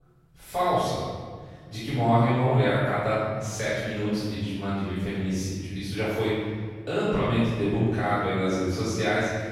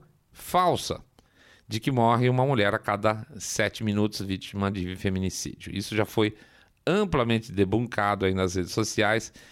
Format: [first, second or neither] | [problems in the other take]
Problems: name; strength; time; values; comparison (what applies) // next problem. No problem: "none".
second | off-mic speech; far // room echo; strong; dies away in 1.8 s